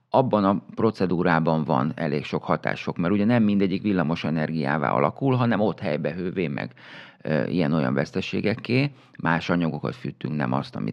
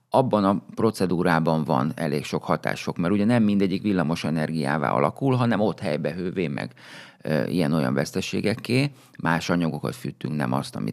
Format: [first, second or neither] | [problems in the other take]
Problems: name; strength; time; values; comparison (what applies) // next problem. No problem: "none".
second | muffled; very slightly; fading above 3 kHz